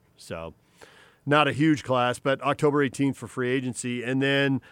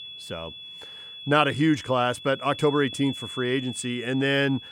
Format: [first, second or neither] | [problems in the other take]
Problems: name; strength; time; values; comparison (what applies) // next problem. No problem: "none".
first | high-pitched whine; noticeable; throughout; 3.5 kHz, 15 dB below the speech